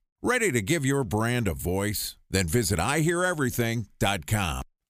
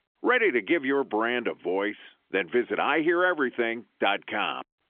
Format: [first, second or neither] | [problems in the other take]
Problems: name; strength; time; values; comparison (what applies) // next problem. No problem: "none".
first | phone-call audio; nothing above 3.5 kHz